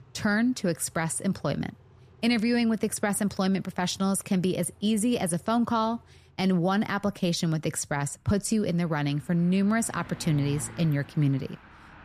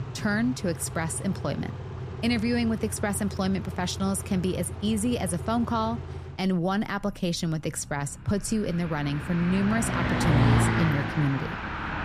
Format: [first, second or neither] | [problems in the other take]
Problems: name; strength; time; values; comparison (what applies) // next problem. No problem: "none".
first | traffic noise; loud; throughout; 3 dB below the speech; faint in the first